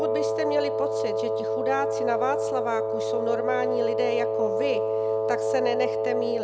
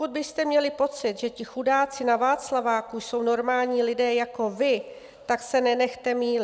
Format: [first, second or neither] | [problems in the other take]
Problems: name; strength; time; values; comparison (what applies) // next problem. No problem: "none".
second | background sound (Wind instrument, woodwind instrument); 3 dB above the speech